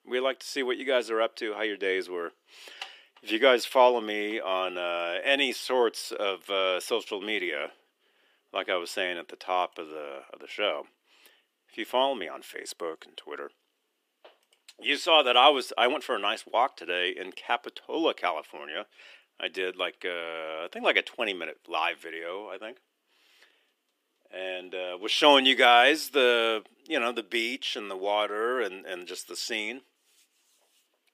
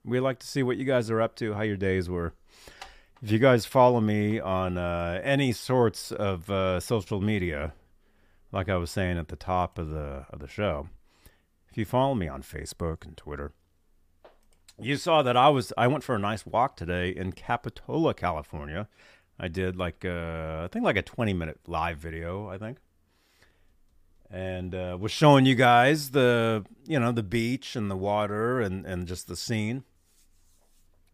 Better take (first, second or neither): second